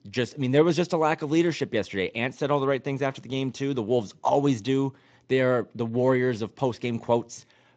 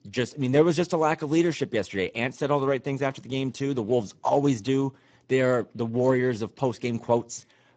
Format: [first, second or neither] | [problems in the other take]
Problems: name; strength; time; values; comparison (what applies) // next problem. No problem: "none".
first | garbled, watery; badly; nothing above 7.5 kHz; slightly in the first